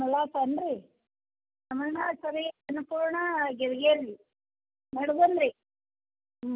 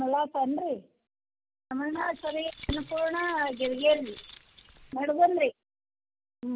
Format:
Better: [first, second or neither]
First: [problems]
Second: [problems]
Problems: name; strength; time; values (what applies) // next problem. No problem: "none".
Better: first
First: none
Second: background sound (Keys jangling); 14 dB below the speech